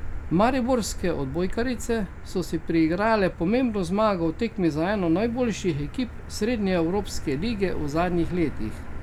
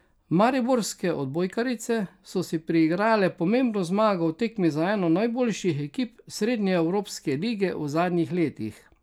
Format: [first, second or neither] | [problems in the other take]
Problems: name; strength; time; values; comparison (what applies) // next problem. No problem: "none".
second | background sound (Motor vehicle (road)); 9 dB below the speech